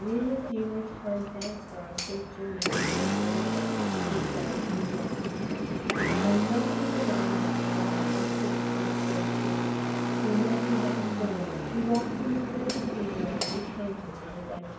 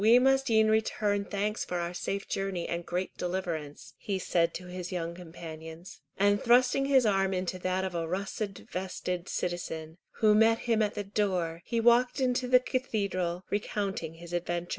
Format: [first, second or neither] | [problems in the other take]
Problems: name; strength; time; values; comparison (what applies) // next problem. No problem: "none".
second | background sound (Engine); 4 dB above the speech // room echo; dies away in 0.9 s